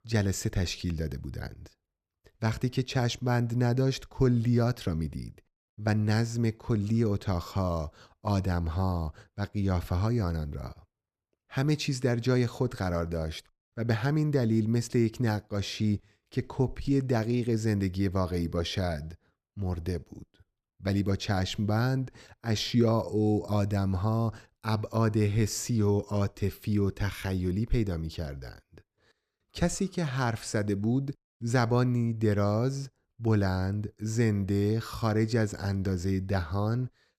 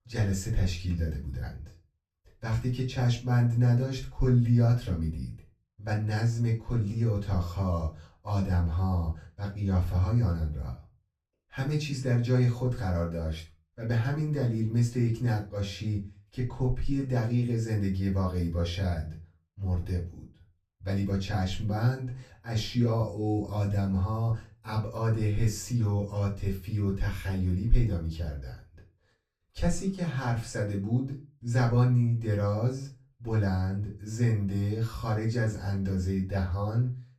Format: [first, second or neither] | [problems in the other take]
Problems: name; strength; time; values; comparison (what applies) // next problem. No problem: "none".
first | off-mic speech; far // room echo; slight; dies away in 0.3 s